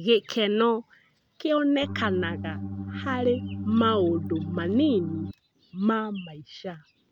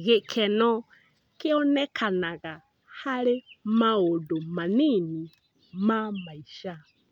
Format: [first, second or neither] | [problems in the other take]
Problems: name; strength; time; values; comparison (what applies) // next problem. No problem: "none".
second | background sound (Organ); 7 dB below the speech